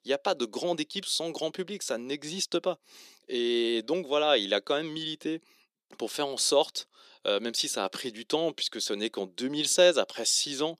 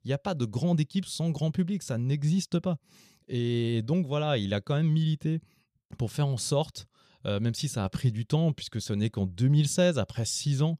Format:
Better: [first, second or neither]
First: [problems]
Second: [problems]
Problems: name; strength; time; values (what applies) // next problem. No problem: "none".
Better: second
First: thin; very; fading below 300 Hz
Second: none